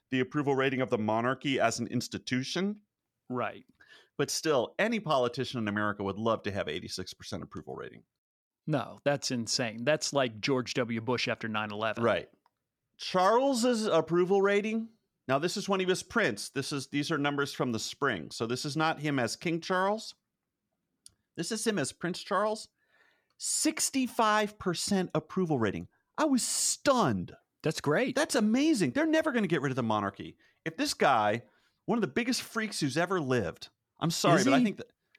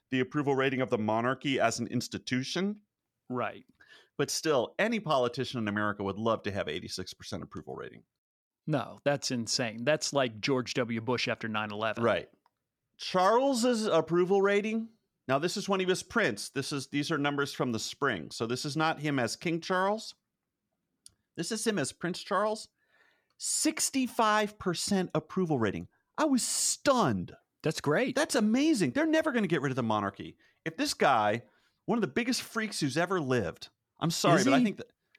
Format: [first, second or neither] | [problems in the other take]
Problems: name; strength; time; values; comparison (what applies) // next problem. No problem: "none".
neither | none